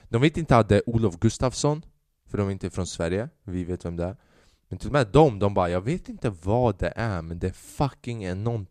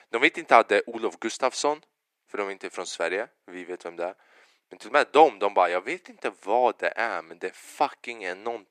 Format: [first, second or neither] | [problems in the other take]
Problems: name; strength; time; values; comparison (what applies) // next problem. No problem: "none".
first | thin; very; fading below 350 Hz